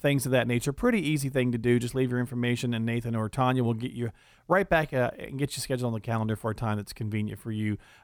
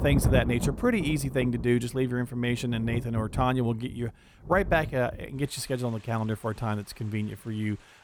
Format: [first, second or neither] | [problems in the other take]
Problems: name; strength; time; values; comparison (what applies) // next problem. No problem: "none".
first | rain or running water; loud; throughout; 5 dB below the speech